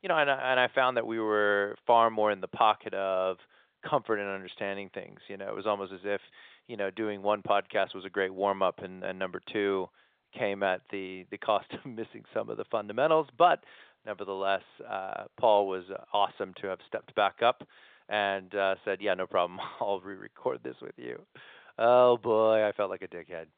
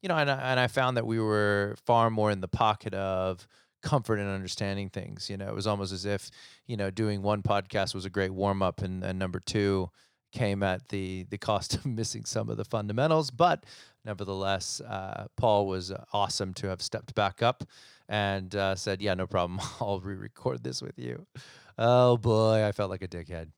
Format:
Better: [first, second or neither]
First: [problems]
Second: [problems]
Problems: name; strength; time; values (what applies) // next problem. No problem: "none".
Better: second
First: phone-call audio; nothing above 3.5 kHz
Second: none